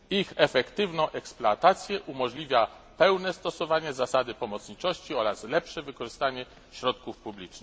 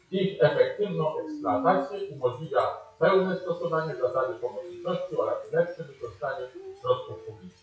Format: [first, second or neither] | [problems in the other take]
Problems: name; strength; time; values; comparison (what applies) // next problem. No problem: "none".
first | noise reduction (classical method WPE with log-MMSE)